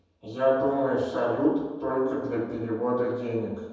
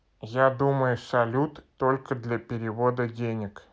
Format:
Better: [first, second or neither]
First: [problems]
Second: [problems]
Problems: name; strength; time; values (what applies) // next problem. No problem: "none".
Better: second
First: room echo; dies away in 1.1 s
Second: none